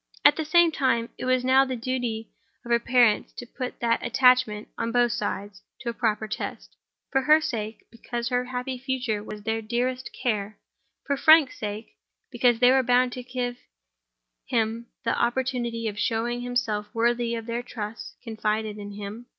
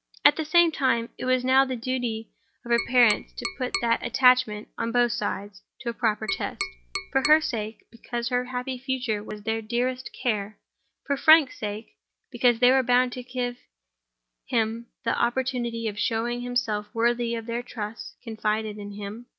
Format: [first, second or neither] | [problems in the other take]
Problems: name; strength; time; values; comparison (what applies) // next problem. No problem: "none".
first | background sound (Tap); 8 dB below the speech